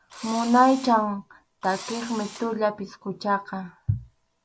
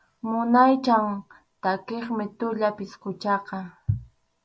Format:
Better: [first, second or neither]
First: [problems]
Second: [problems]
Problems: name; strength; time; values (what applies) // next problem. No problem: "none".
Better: second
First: background sound (Engine / Drill); 16 dB below the speech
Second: none